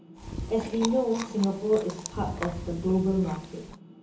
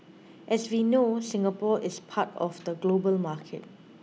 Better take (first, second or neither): second